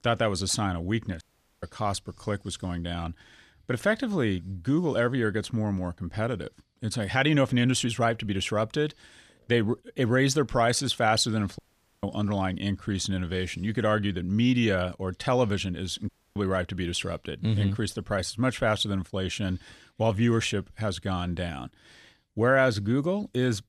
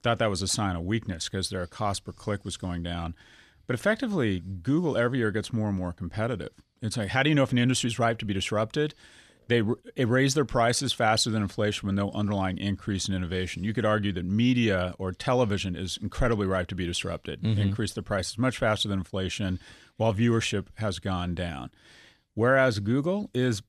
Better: second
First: audio cutting out; at 1 s, at 12 s and at 16 s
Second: none

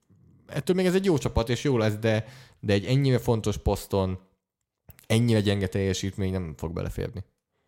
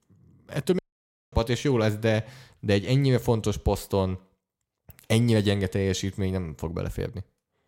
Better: first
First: none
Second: audio cutting out; at 1 s for 0.5 s

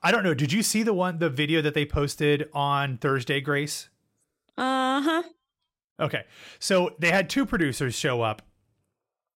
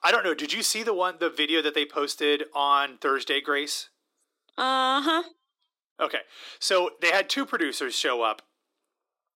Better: first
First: none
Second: thin; somewhat; fading below 300 Hz

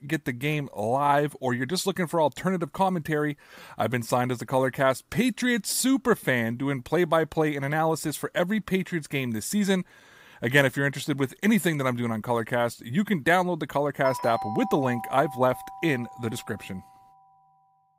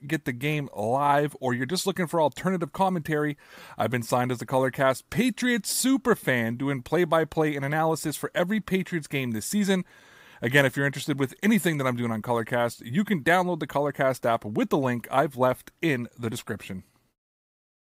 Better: second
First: doorbell; noticeable; from 14 to 16 s; peak 8 dB below the speech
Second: none

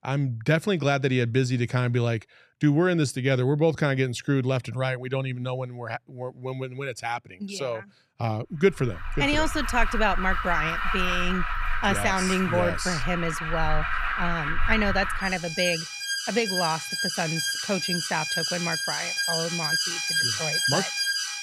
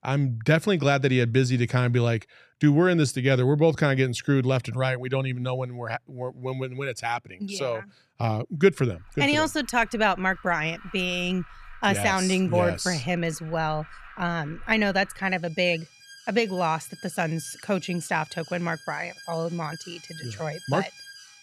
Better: second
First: alarms or sirens; loud; from 9.5 s on; 1 dB below the speech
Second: alarms or sirens; faint; from 9.5 s on; 20 dB below the speech

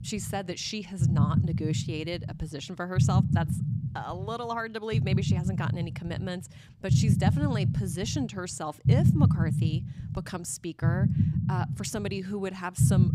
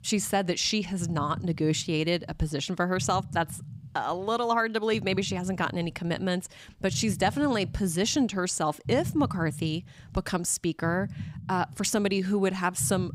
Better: second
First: low rumble; loud; throughout; 2 dB below the speech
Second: low rumble; faint; throughout; 20 dB below the speech

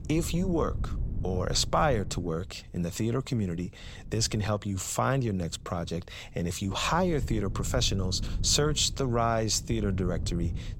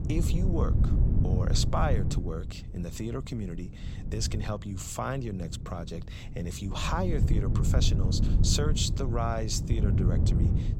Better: first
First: wind noise on the microphone; occasional gusts; 20 dB below the speech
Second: wind noise on the microphone; heavy; 6 dB below the speech

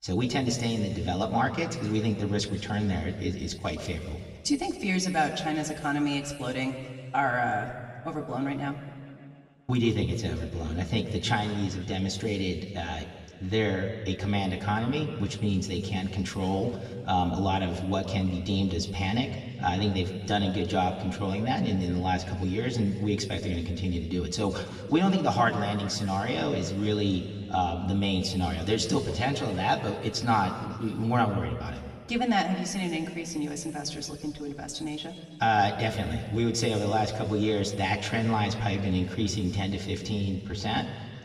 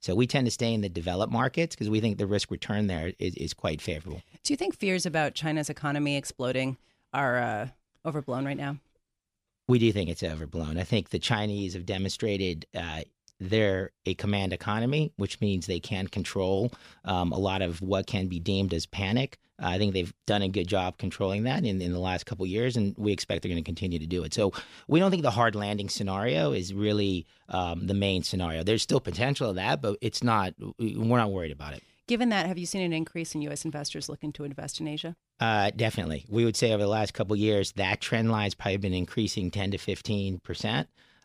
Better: second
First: room echo; noticeable; dies away in 1.9 s // off-mic speech; far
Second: none

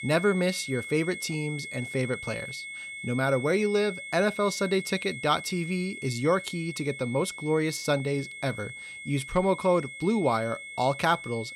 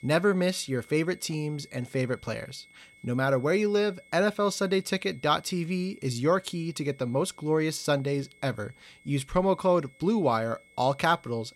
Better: second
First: high-pitched whine; loud; throughout; 2 kHz, 10 dB below the speech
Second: high-pitched whine; faint; throughout; 2 kHz, 25 dB below the speech

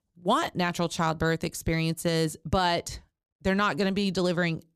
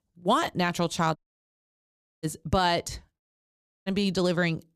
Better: first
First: none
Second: audio cutting out; at 1 s for 1 s and at 3 s for 0.5 s

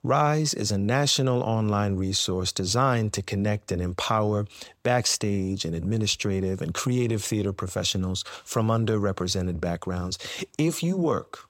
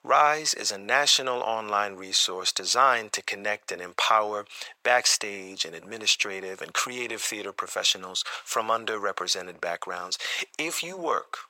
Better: first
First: none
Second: thin; very; fading below 750 Hz

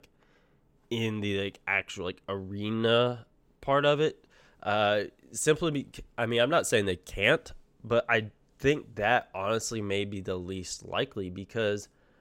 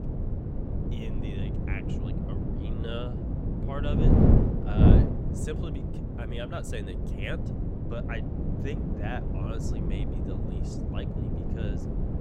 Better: first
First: none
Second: wind noise on the microphone; heavy; 4 dB above the speech

